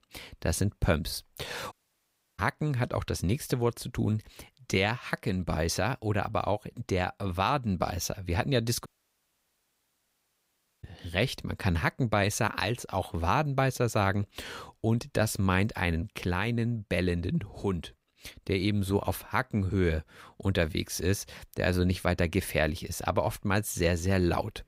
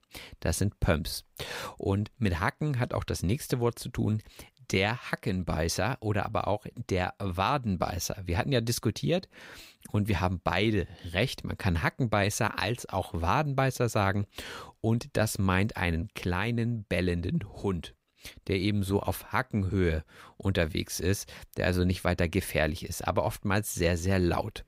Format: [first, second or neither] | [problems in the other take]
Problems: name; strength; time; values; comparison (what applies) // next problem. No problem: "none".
second | audio cutting out; at 1.5 s for 0.5 s and at 9 s for 2 s